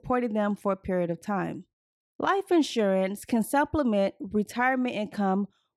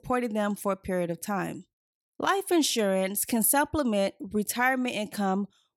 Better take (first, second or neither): second